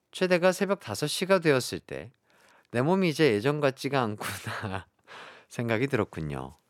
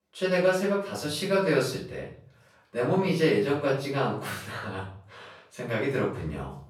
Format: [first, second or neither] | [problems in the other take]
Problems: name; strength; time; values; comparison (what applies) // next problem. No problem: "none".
first | room echo; noticeable; dies away in 0.5 s // off-mic speech; far